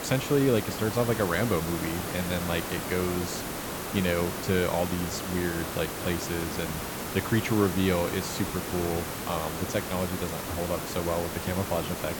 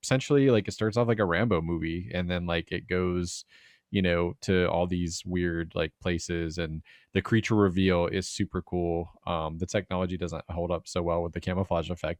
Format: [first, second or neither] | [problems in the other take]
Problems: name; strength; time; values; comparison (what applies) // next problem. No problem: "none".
second | hiss; loud; throughout; 4 dB below the speech